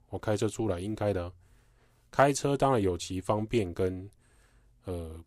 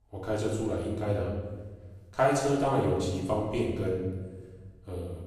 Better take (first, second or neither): first